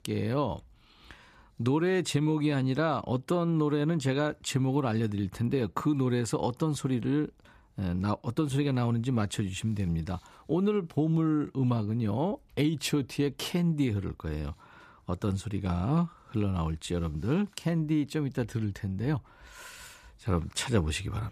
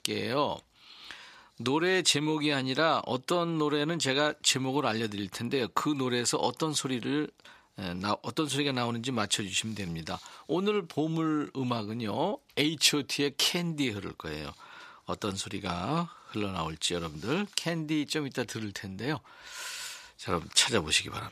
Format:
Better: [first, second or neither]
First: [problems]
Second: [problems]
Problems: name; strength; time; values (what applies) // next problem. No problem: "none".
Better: first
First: none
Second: thin; somewhat; fading below 1 kHz